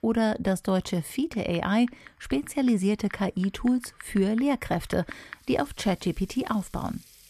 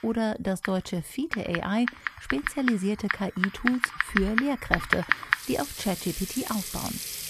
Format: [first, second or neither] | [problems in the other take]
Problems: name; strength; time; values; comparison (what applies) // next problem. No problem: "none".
first | household noises; loud; throughout; as loud as the speech; faint in the first